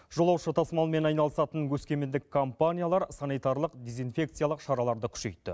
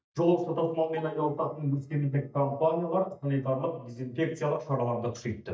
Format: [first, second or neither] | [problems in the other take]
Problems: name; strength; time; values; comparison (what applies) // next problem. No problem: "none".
first | noise reduction (neural mask model DeepFilterNet 3)